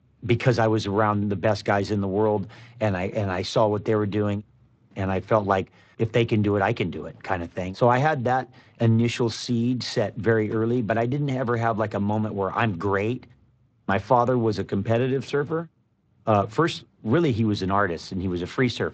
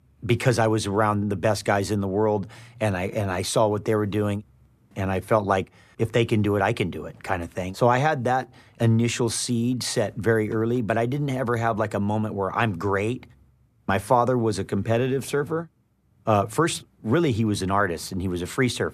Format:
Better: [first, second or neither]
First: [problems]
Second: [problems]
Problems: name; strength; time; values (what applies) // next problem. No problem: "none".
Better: second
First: garbled, watery; slightly; nothing above 8 kHz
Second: none